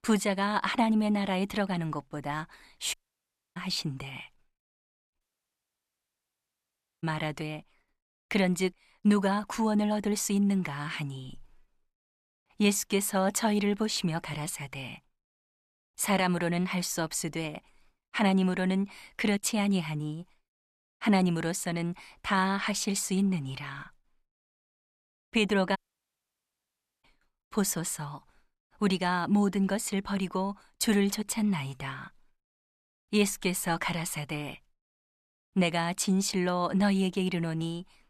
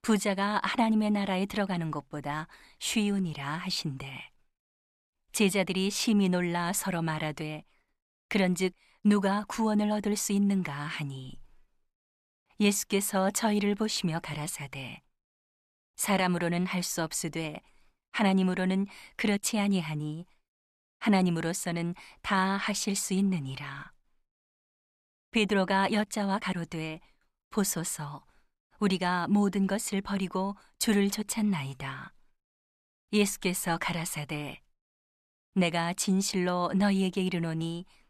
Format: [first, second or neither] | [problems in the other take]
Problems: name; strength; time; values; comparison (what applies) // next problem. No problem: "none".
second | audio cutting out; at 3 s for 0.5 s, at 5 s for 2 s and at 26 s for 1.5 s